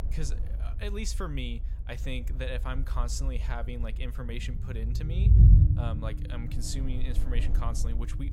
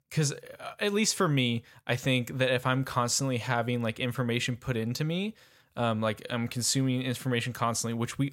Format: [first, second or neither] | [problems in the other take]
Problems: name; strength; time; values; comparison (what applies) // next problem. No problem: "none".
second | low rumble; loud; throughout; 3 dB below the speech